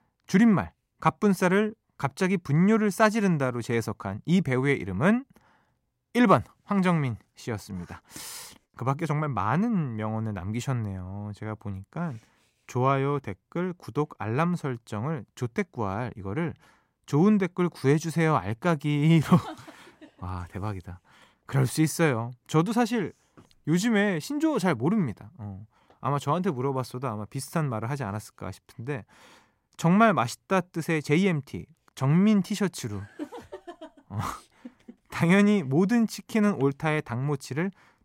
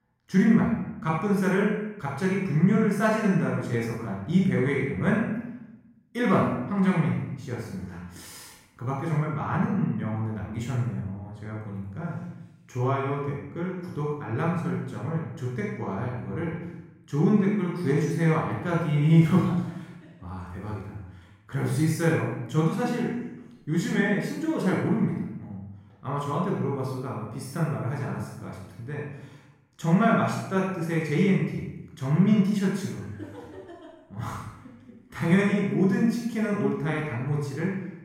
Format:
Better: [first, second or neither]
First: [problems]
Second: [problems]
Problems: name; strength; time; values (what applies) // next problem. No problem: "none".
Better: first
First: none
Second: off-mic speech; far // room echo; strong; dies away in 0.8 s